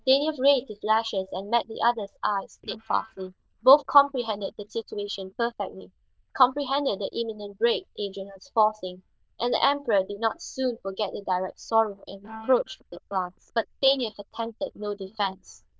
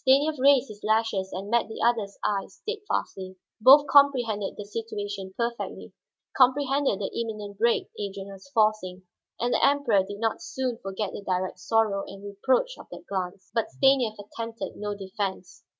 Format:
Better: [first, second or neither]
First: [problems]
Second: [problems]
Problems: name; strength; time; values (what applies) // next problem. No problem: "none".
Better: second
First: noise reduction (neural diffusion model UNIVERSE++)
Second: none